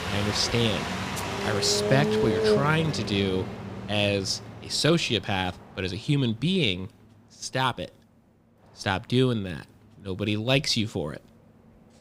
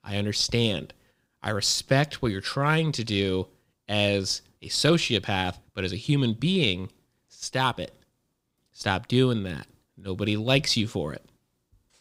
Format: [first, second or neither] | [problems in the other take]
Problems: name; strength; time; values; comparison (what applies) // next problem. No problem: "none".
second | traffic noise; loud; throughout; 3 dB below the speech